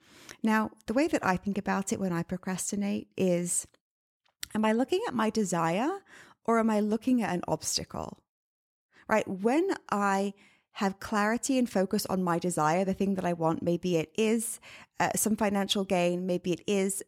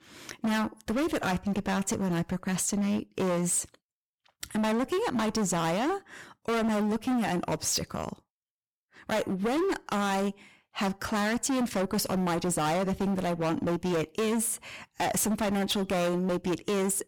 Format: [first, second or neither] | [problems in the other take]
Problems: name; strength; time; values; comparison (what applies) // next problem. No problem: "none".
first | distortion; heavy; 24% of the sound clipped